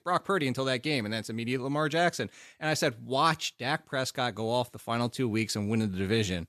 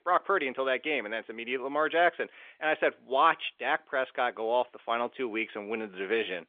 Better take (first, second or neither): first